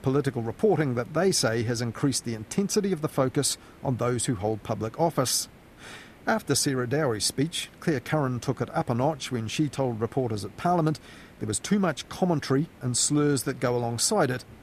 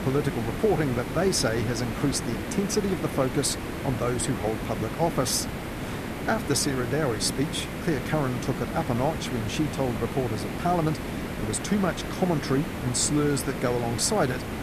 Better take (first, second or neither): first